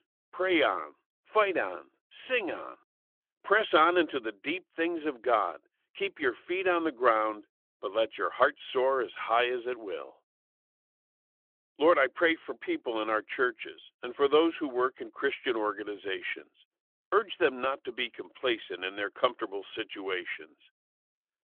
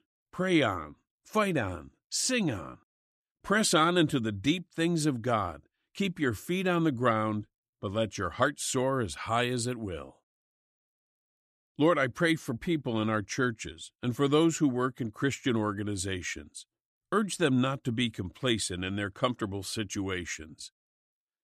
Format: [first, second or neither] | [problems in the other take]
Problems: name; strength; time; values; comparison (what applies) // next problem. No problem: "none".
second | phone-call audio; nothing above 3.5 kHz